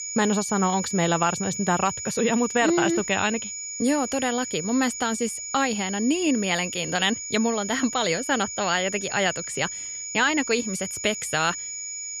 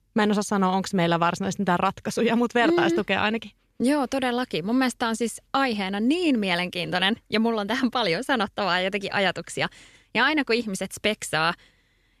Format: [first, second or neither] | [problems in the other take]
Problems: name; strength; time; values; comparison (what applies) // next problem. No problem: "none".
second | high-pitched whine; loud; throughout; 7 kHz, 6 dB below the speech